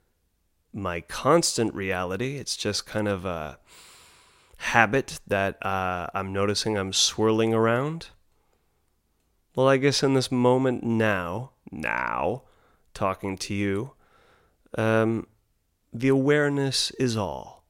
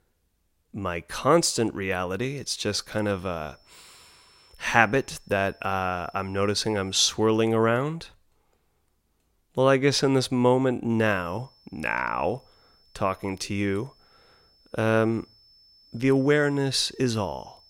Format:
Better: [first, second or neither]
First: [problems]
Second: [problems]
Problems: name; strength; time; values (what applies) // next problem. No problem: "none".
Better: first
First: none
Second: high-pitched whine; faint; from 2 to 7 s and from 11 s on; 5.5 kHz, 30 dB below the speech